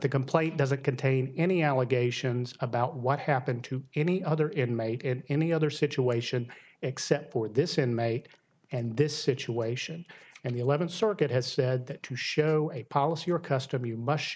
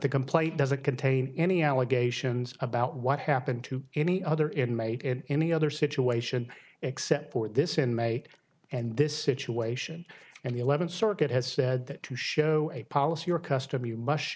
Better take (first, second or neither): second